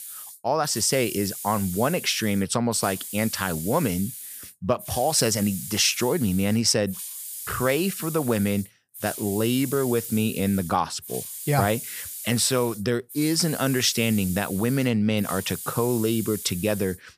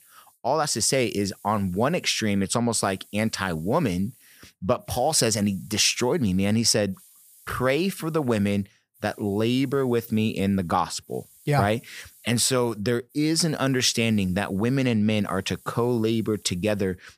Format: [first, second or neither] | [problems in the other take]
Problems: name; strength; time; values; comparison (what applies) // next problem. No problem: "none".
second | hiss; loud; throughout; 10 dB below the speech; faint in the second